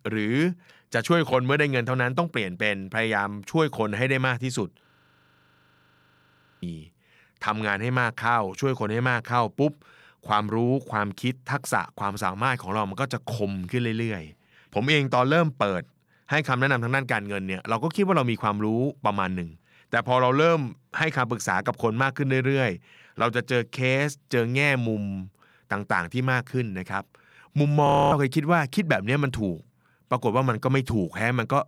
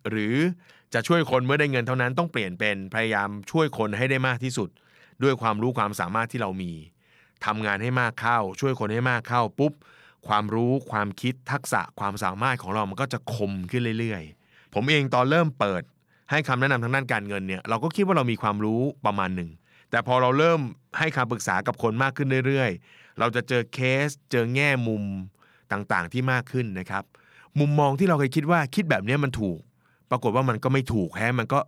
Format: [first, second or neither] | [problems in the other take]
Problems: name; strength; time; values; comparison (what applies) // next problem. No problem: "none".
second | audio freezing; at 5 s for 2 s and at 28 s